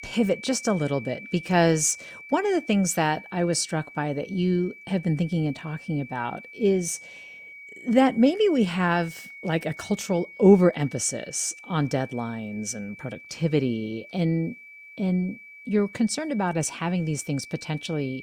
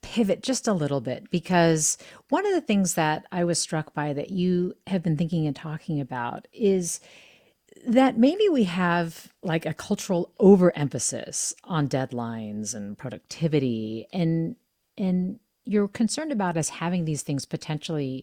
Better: second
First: high-pitched whine; noticeable; throughout; 2.5 kHz, 15 dB below the speech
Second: none

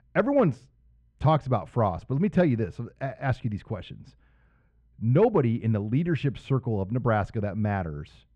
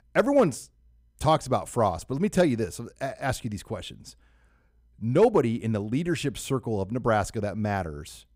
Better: second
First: muffled; slightly; fading above 2.5 kHz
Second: none

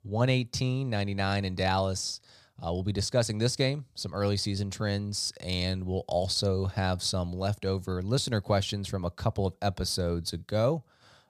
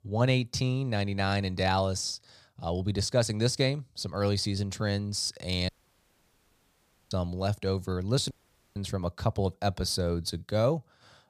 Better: first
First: none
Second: audio cutting out; at 5.5 s for 1.5 s and at 8.5 s

